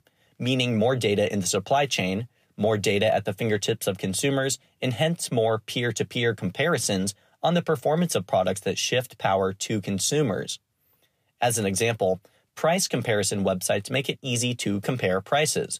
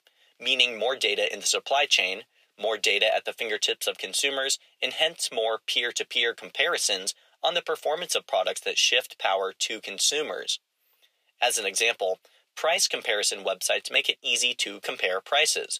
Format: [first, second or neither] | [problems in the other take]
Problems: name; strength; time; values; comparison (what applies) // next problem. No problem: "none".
first | thin; very; fading below 450 Hz